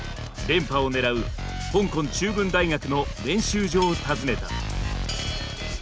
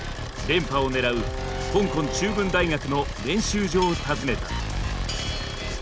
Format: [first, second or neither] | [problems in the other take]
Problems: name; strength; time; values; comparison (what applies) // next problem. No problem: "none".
first | background sound (Idling / Car + Bowed string instrument); 10 dB below the speech